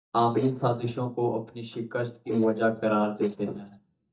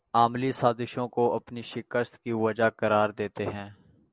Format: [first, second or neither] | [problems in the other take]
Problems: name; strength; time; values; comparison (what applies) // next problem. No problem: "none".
second | noise reduction (neural mask model DeepFilterNet 3)